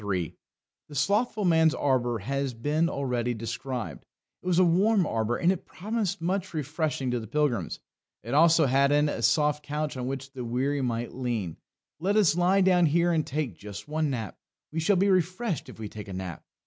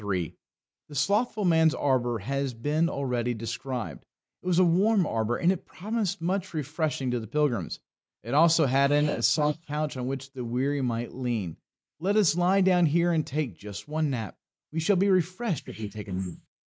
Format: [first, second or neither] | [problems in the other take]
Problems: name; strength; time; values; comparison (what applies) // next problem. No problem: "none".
first | noise reduction (neural mask model Resemble Enhance denoiser)